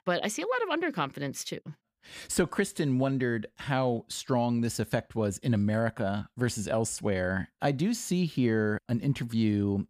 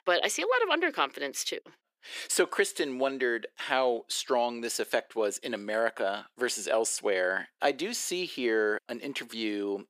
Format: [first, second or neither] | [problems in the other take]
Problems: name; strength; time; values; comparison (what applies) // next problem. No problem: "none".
first | thin; very; fading below 350 Hz